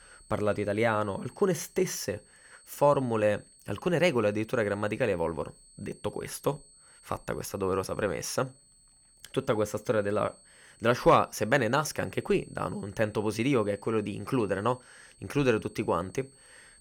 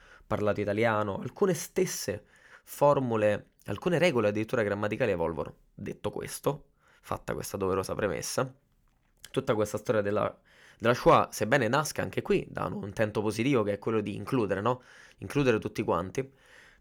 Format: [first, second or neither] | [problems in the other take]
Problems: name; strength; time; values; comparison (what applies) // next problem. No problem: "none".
second | high-pitched whine; faint; throughout; 8 kHz, 25 dB below the speech